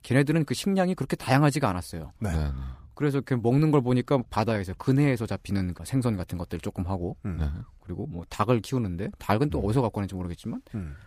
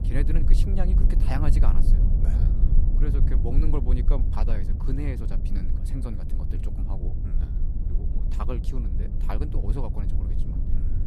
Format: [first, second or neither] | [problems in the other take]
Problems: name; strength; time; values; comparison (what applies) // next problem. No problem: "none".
first | low rumble; loud; throughout; 4 dB below the speech